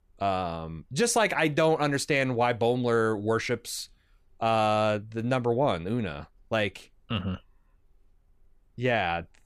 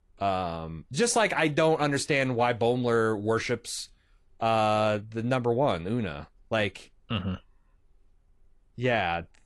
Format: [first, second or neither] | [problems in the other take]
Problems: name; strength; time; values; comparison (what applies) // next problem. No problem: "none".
first | garbled, watery; slightly